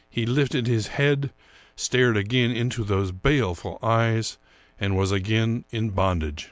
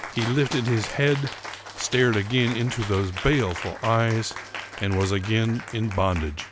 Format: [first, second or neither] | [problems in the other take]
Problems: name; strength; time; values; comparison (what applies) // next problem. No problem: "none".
first | background sound (Cheering); 12 dB below the speech